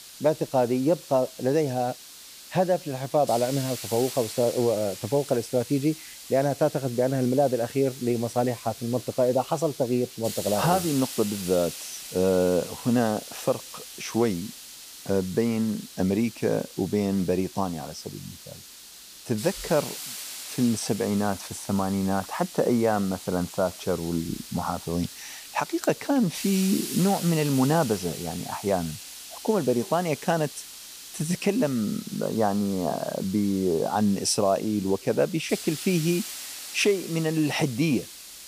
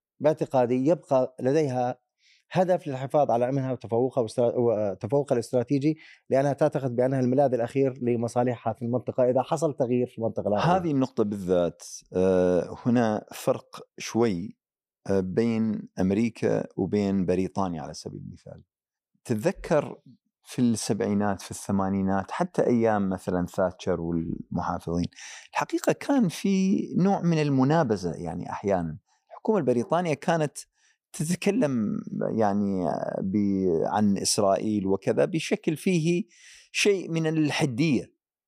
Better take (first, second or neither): second